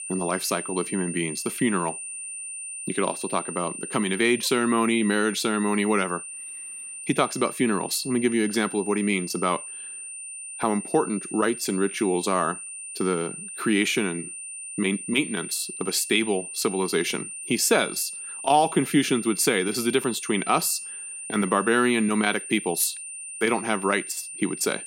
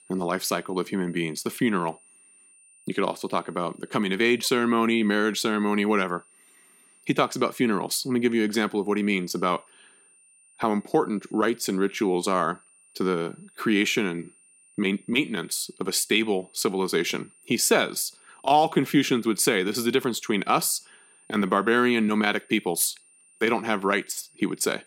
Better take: second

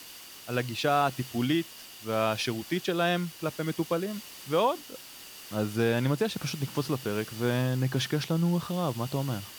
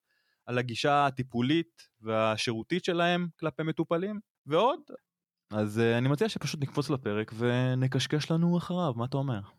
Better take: second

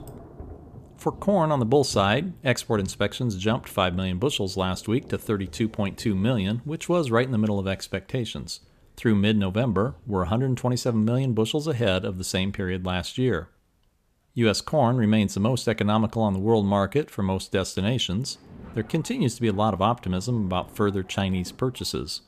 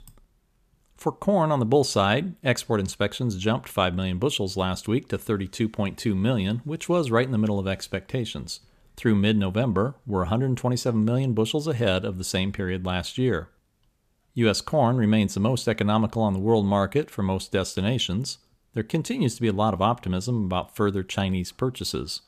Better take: second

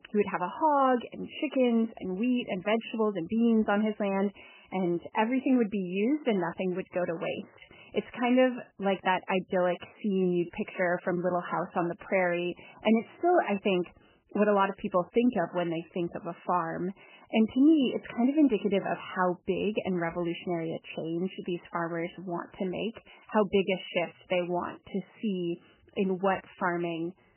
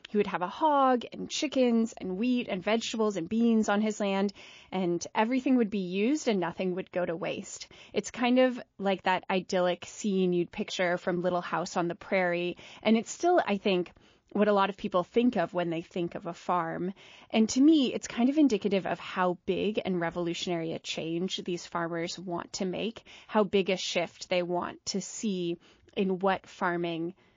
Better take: second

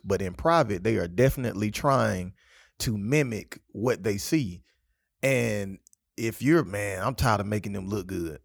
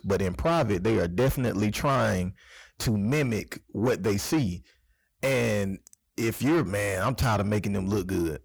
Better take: first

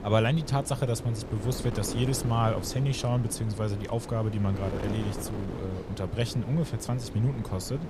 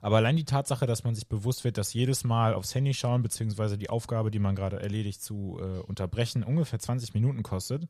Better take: second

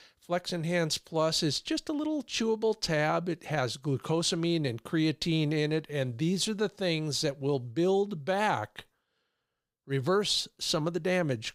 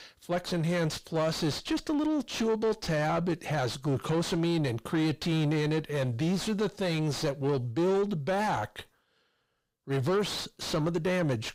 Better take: first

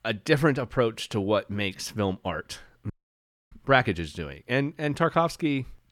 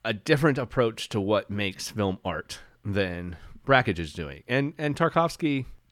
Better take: second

